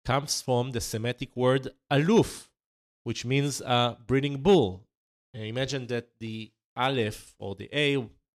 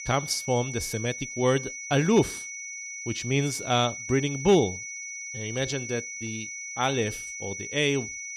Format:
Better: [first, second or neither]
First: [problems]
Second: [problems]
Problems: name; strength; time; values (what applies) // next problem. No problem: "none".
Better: first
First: none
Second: high-pitched whine; loud; throughout; 2 kHz, 8 dB below the speech